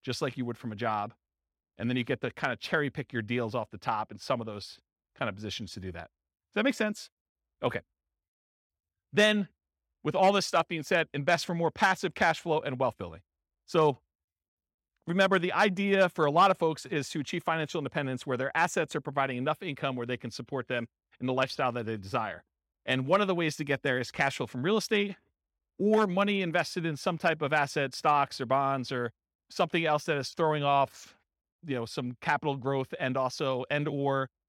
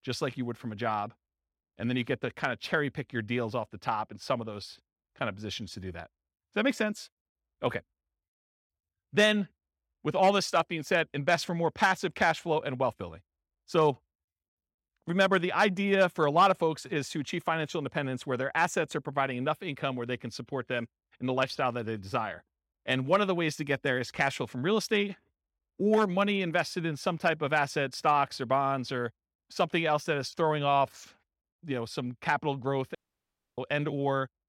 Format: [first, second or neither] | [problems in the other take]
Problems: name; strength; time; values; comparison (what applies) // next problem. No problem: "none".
first | audio cutting out; at 33 s for 0.5 s